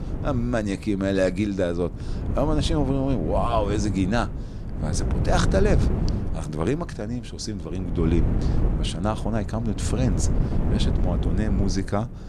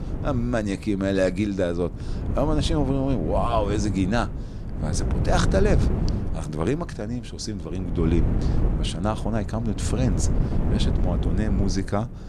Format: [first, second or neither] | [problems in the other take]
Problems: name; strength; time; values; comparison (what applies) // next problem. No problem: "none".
neither | wind noise on the microphone; heavy; 9 dB below the speech; the same in both